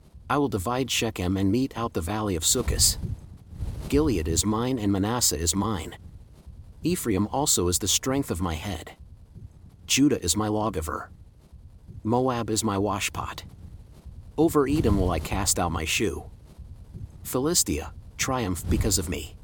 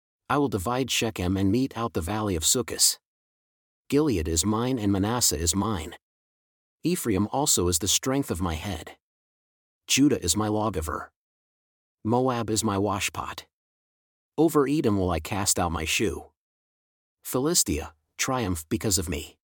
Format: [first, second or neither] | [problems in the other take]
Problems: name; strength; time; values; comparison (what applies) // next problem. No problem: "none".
second | wind noise on the microphone; occasional gusts; 25 dB below the speech